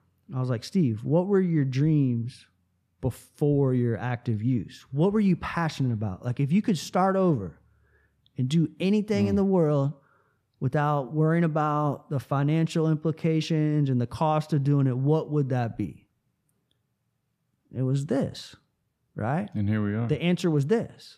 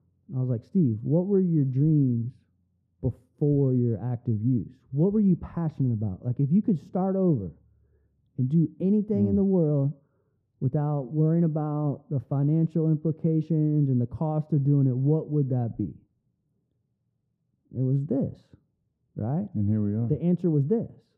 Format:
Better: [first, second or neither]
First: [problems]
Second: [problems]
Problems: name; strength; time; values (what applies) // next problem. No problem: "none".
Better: first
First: none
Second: muffled; very; fading above 1 kHz